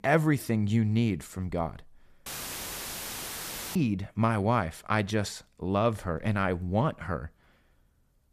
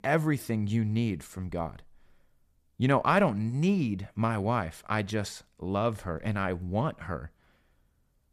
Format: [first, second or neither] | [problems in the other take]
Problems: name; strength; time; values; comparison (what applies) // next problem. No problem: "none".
second | audio cutting out; filled with static; at 2.5 s for 1.5 s